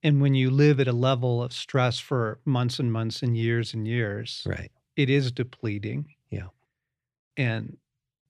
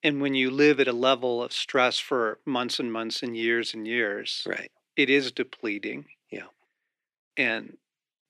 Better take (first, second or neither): first